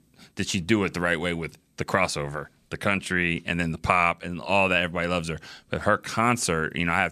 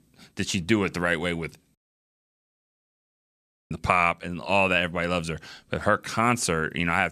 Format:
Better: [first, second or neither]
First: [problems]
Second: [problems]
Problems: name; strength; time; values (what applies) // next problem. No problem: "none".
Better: first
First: none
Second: audio cutting out; at 2 s for 2 s